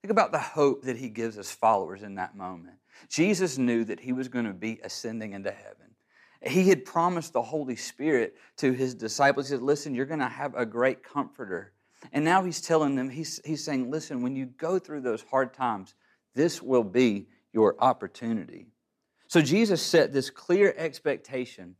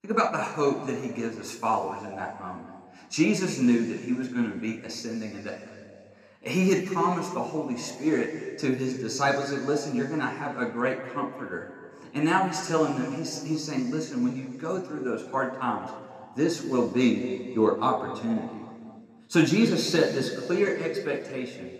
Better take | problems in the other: first | room echo; slight; dies away in 2.1 s

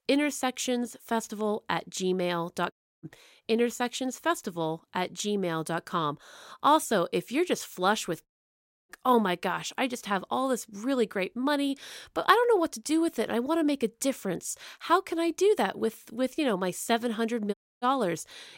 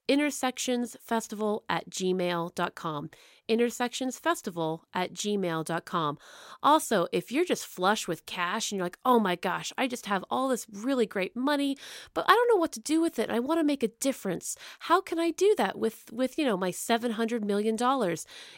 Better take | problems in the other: second | audio cutting out; at 2.5 s, at 8.5 s for 0.5 s and at 18 s

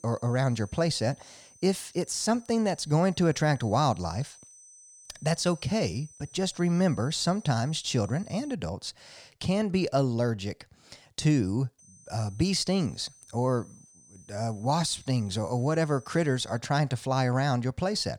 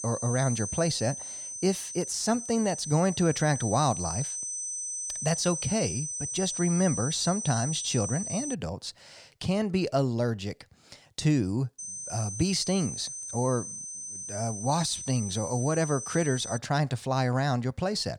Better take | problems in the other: first | high-pitched whine; loud; until 8.5 s and from 12 to 17 s; 6 kHz, 5 dB below the speech; faint in the first

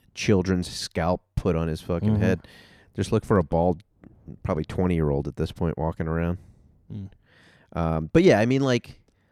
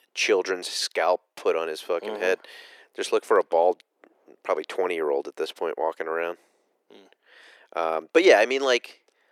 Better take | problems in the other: first | thin; very; fading below 400 Hz

